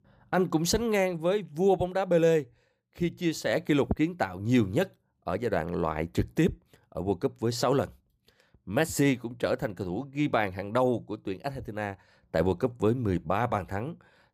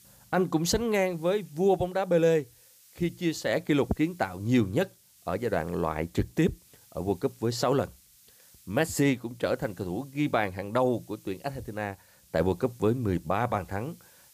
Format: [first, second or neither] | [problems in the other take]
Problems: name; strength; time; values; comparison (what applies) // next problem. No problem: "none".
first | hiss; faint; throughout; 25 dB below the speech